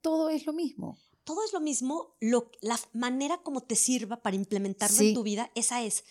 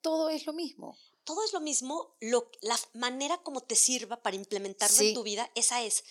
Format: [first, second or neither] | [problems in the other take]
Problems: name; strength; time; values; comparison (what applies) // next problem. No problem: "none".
first | thin; somewhat; fading below 450 Hz